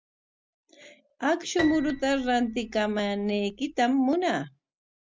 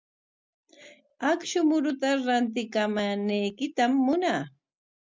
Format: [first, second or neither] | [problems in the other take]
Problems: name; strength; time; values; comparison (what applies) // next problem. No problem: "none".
second | background sound (Piano); 14 dB below the speech